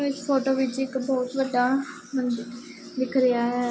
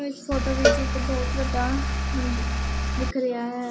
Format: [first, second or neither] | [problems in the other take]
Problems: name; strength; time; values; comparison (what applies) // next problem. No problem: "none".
first | background sound (Engine + Cowbell); 4 dB above the speech